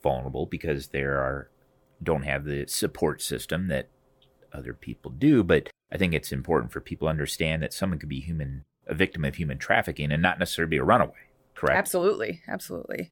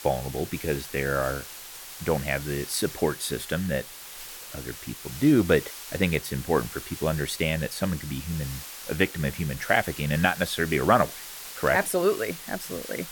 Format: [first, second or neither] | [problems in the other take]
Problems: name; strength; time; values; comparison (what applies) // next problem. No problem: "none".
first | hiss; noticeable; throughout; 10 dB below the speech